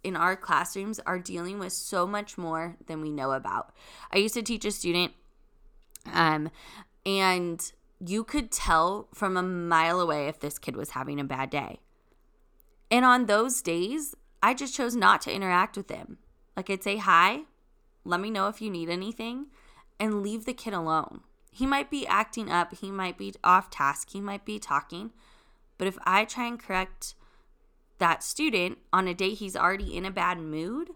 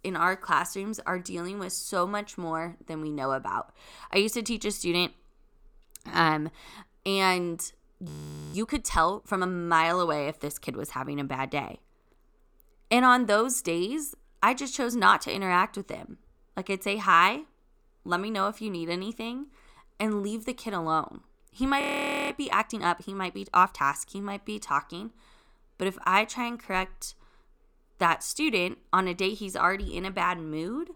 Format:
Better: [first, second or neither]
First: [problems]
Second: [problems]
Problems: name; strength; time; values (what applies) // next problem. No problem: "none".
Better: first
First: none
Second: audio freezing; at 8 s and at 22 s